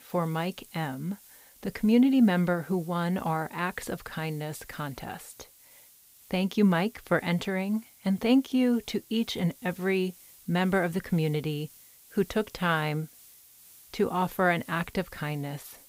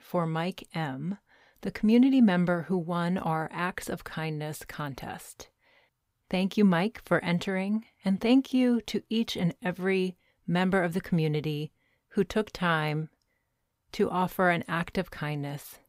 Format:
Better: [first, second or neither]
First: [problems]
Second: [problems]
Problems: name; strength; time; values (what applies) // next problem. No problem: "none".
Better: second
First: hiss; faint; throughout; 25 dB below the speech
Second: none